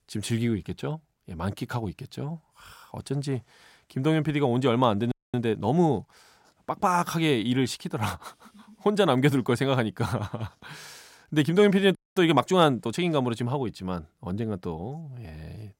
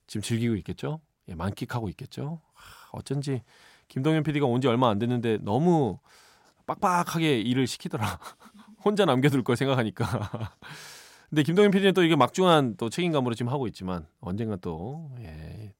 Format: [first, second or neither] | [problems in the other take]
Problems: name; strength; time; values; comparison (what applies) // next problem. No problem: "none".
second | audio freezing; at 5 s and at 12 s